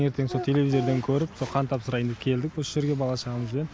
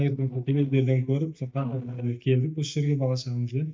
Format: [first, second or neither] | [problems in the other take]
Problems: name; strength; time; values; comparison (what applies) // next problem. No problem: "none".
first | noise reduction (neural mask model DeepFilterNet 3)